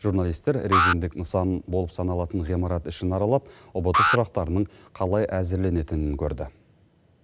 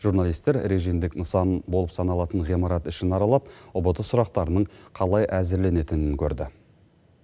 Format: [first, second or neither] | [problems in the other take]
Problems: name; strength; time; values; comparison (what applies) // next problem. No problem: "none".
second | background sound (Alarm); 2 dB below the speech